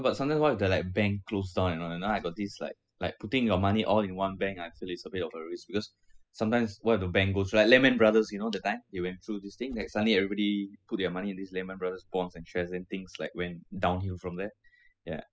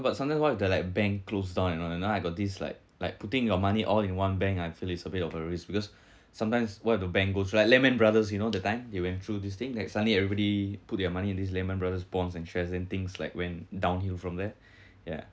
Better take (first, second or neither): second